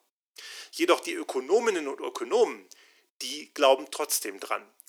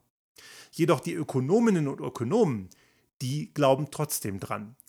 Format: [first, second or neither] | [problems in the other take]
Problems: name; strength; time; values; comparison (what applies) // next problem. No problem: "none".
second | thin; very; fading below 350 Hz